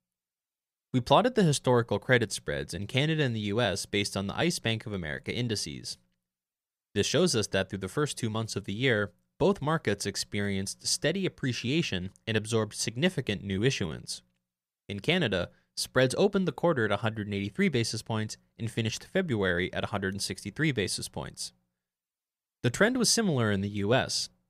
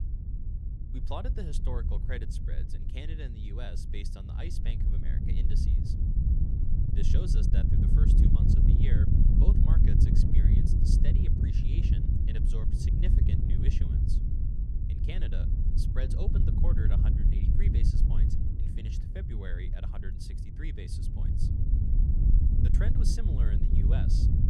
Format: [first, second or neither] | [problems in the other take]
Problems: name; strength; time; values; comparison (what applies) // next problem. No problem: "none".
first | wind noise on the microphone; heavy; 3 dB above the speech